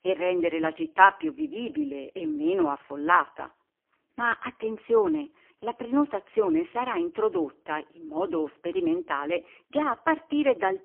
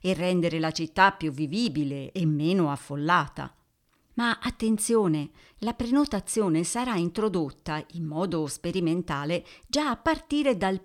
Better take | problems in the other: second | phone-call audio; poor line; nothing above 3 kHz

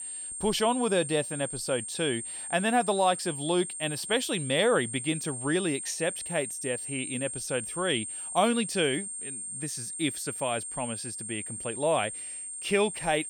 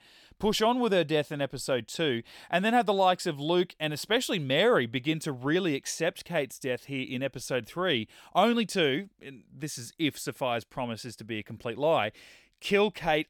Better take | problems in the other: second | high-pitched whine; loud; throughout; 8.5 kHz, 5 dB below the speech

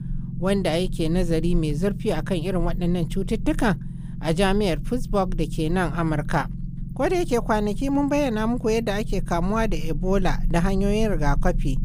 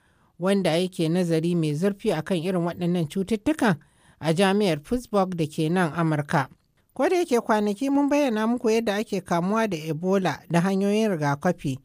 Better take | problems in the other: second | low rumble; noticeable; throughout; 15 dB below the speech

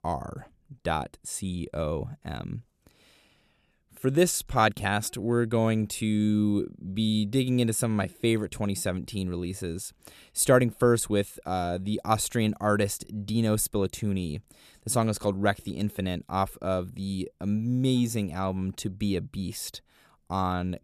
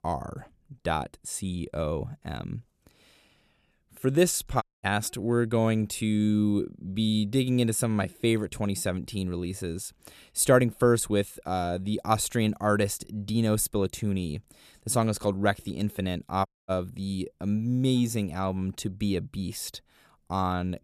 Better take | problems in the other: first | audio cutting out; at 4.5 s and at 16 s

